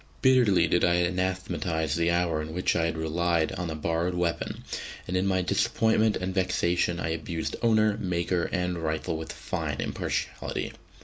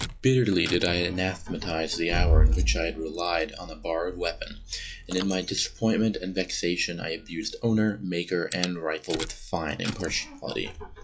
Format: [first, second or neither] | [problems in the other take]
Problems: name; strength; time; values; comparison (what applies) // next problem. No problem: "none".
first | noise reduction (classical method log-MMSE)